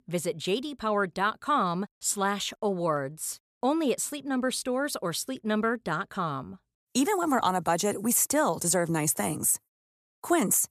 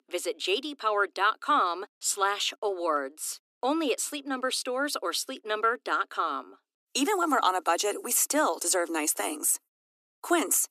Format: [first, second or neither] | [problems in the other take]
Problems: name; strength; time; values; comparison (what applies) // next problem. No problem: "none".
first | thin; somewhat; fading below 300 Hz